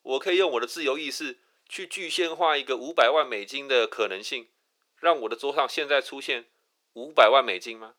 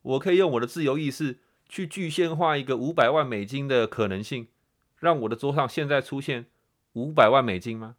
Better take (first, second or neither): second